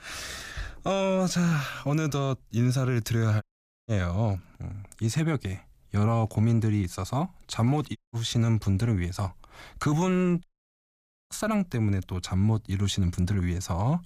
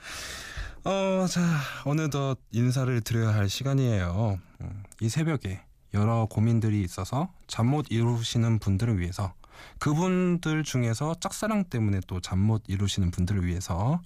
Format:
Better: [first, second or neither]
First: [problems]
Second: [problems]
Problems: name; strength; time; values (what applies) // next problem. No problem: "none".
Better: second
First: audio cutting out; at 3.5 s, at 8 s and at 10 s for 1 s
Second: none